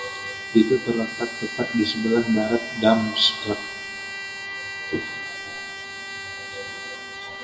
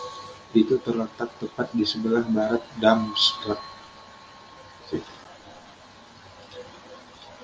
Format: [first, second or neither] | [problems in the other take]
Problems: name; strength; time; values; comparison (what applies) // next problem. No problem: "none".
second | background sound (Trumpet); 8 dB below the speech // room echo; dies away in 1 s